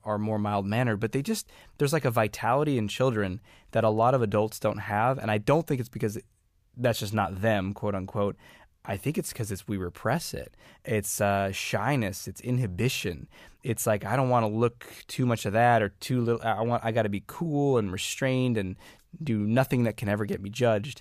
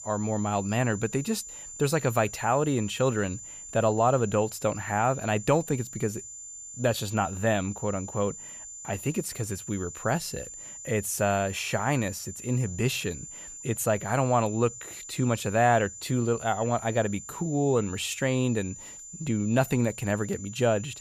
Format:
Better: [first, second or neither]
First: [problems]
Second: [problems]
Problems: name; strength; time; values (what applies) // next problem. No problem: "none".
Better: first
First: none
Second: high-pitched whine; noticeable; throughout; 7 kHz, 10 dB below the speech